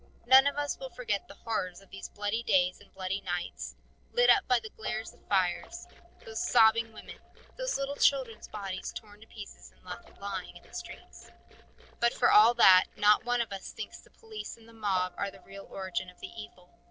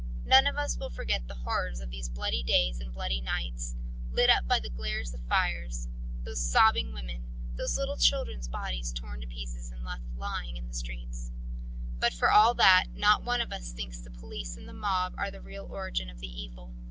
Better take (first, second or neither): second